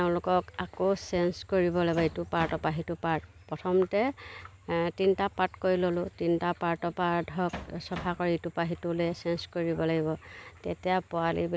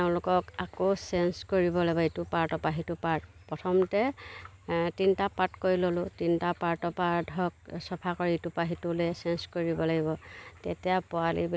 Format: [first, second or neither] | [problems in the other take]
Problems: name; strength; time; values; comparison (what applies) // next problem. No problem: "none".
second | background sound (Bass drum); 12 dB below the speech